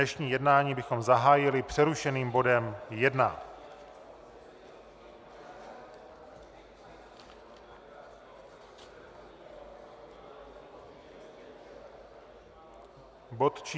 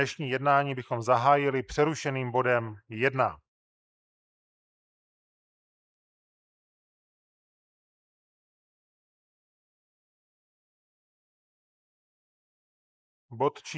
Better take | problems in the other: first | noise reduction (neural mask model Resemble Enhance denoiser)

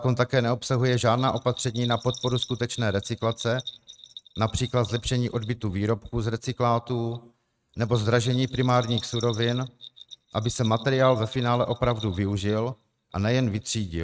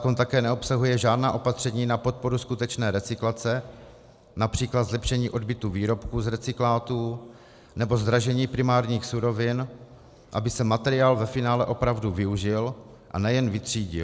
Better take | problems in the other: second | noise reduction (neural mask model RNNoise)

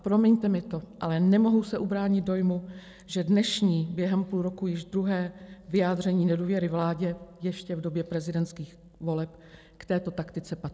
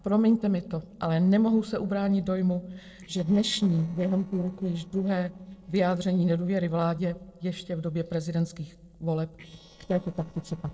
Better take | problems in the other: first | noise reduction (neural separator model SepFormer DNS4)

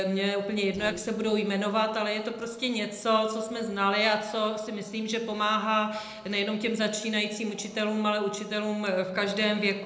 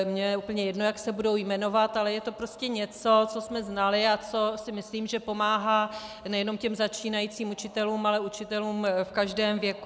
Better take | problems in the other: second | noise reduction (neural separator model SepFormer DNS4)

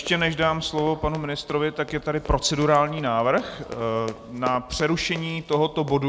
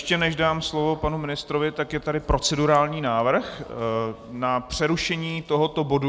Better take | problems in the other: second | background sound (Run); 19 dB below the speech

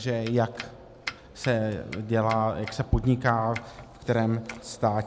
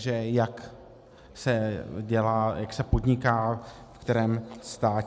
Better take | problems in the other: second | background sound (Domestic sounds, home sounds); 17 dB below the speech

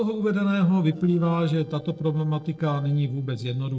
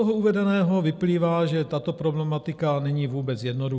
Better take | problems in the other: second | noise reduction (neural separator model SepFormer DNS4)

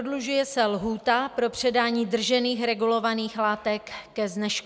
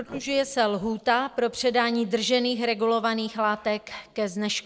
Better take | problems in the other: first | noise reduction (neural separator model SepFormer DNS4)

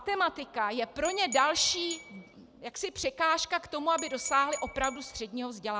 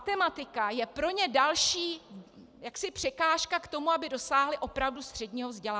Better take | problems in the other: second | background sound (Glass / Bell); 12 dB below the speech

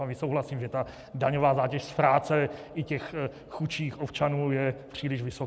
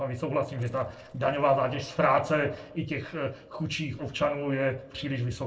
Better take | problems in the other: first | noise reduction (neural separator model SepFormer DNS4)

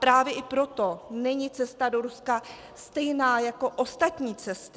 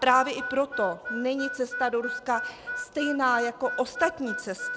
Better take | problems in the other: first | background sound (Harmonica); 8 dB below the speech

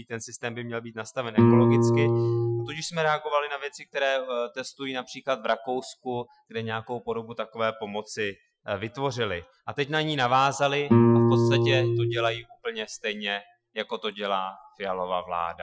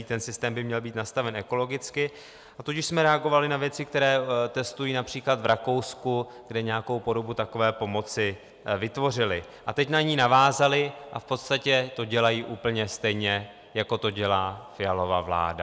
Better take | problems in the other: second | noise reduction (classical method Wiener filter)

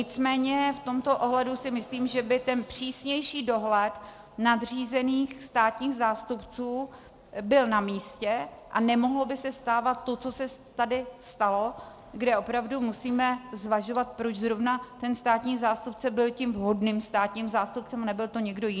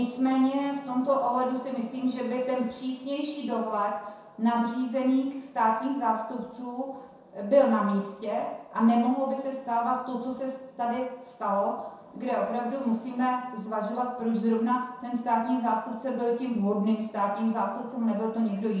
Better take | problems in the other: first | room echo; dies away in 0.7 s

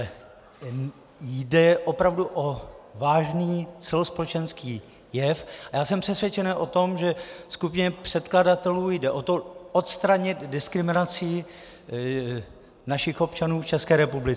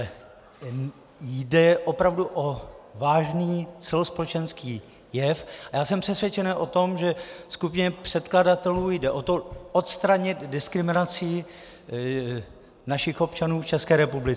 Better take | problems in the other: first | background sound (Knock); 19 dB below the speech

